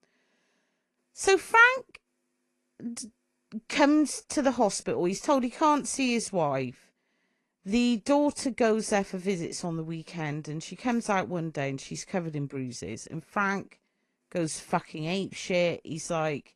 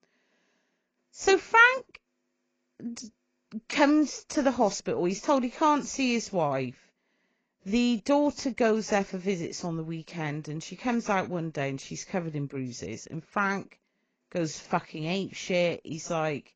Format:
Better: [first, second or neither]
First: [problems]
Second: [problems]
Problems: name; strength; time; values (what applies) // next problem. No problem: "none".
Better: first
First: garbled, watery; slightly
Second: garbled, watery; badly